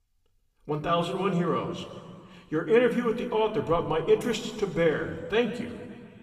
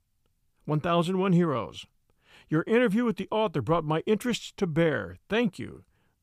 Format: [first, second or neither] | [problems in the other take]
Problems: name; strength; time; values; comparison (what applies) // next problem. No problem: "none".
second | room echo; noticeable; dies away in 1.7 s // off-mic speech; somewhat distant